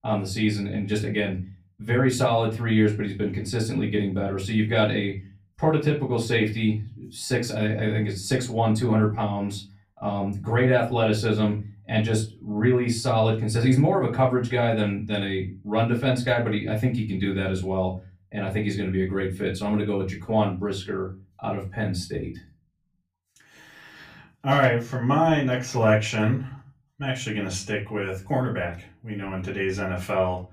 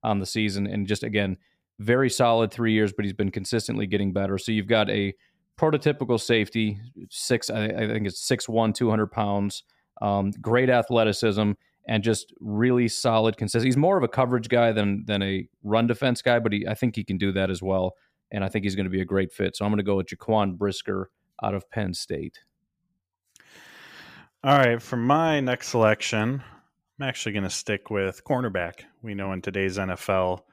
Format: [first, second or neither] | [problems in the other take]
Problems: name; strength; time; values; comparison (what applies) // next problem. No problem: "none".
second | off-mic speech; far // room echo; very slight; dies away in 0.3 s